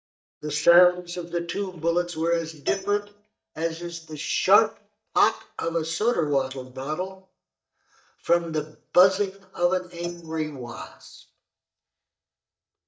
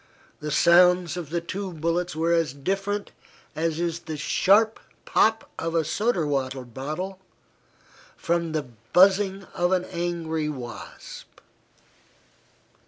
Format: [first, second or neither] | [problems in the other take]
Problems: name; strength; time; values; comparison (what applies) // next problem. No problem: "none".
second | noise reduction (neural mask model DeepFilterNet 3)